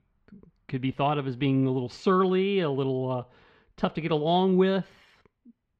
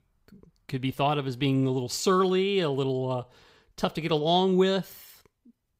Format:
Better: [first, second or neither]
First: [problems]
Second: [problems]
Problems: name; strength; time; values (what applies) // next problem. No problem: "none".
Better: second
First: muffled; slightly; fading above 2.5 kHz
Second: none